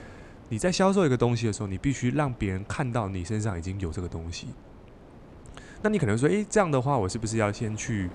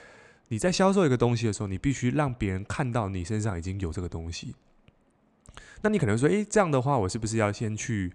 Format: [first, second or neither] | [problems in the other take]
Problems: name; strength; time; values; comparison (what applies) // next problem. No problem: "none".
second | wind noise on the microphone; occasional gusts; 25 dB below the speech